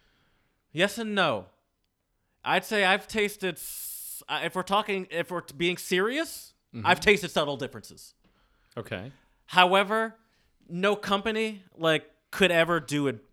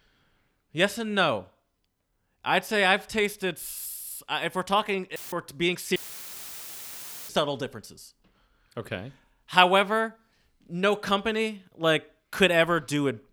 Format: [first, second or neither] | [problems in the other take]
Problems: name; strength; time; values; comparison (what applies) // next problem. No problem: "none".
first | audio cutting out; filled with static; at 5 s and at 6 s for 1.5 s